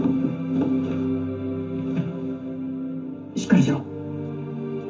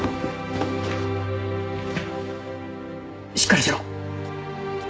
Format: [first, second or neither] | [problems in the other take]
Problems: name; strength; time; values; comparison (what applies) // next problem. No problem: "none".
second | room echo; dies away in 0.3 s